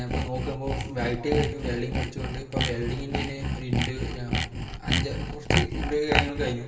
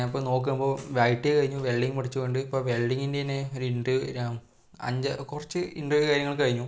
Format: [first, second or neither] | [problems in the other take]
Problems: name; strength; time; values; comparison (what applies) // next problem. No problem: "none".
second | background sound (Sawing); 2 dB above the speech // room echo; dies away in 2.2 s